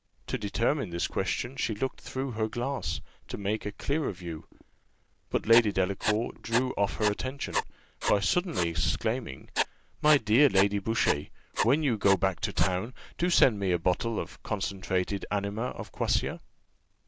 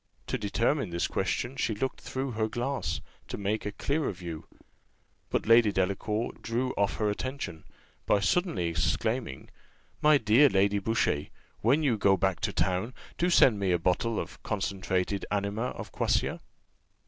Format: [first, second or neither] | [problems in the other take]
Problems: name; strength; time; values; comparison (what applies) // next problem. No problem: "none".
second | background sound (Writing); 7 dB below the speech